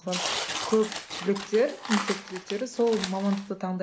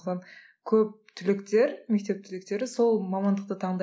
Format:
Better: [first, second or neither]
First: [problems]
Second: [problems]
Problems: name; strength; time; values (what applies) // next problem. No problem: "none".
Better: second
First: background sound (Tearing); 7 dB below the speech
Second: none